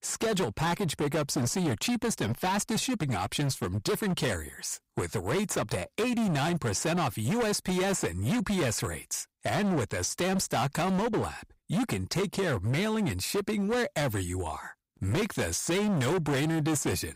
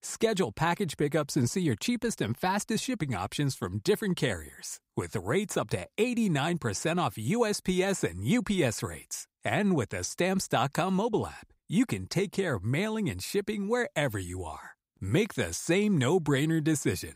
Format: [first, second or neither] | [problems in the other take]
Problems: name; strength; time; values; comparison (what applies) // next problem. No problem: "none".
second | distortion; heavy; 24% of the sound clipped